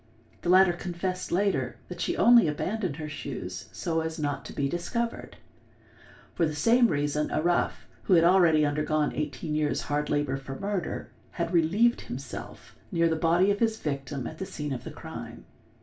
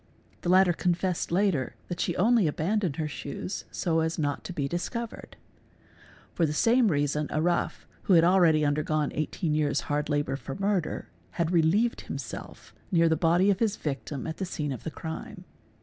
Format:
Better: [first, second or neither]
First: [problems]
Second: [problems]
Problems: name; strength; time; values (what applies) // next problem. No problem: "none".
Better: second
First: room echo; dies away in 0.3 s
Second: none